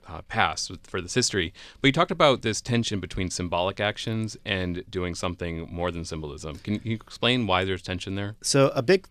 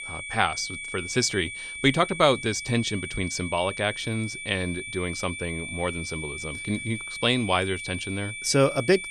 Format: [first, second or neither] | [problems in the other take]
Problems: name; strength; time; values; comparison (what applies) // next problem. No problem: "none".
first | high-pitched whine; loud; throughout; 2.5 kHz, 7 dB below the speech